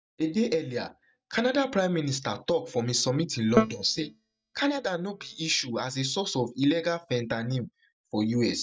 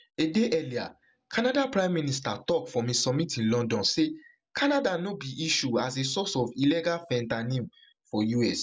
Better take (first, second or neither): second